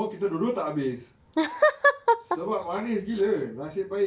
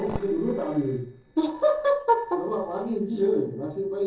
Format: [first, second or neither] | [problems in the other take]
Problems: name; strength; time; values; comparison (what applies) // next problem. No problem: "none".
first | noise reduction (neural separator model SepFormer DNS4)